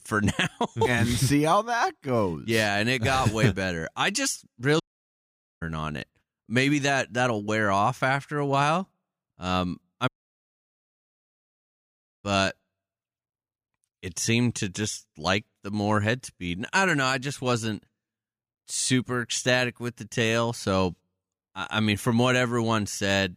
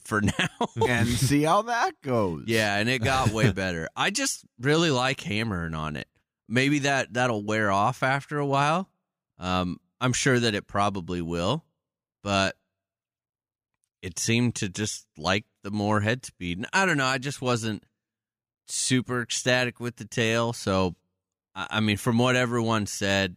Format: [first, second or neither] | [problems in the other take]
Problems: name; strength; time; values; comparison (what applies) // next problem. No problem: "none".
second | audio cutting out; at 5 s for 1 s and at 10 s for 2 s